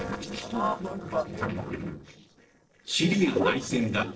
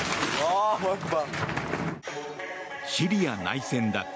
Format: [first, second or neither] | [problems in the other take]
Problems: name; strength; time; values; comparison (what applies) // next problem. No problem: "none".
second | noise reduction (neural separator model SepFormer DNS4)